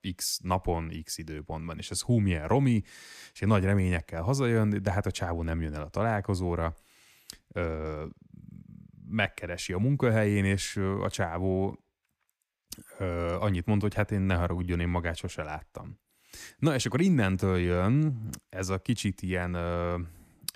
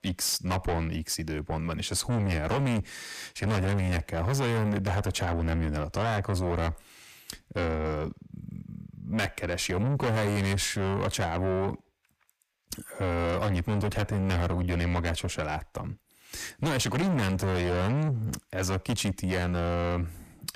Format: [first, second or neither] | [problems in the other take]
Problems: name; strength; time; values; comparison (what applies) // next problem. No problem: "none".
first | distortion; heavy; 5 dB below the speech